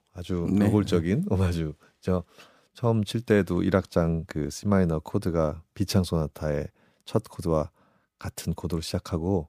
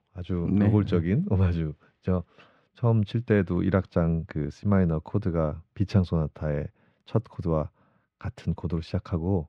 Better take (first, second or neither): first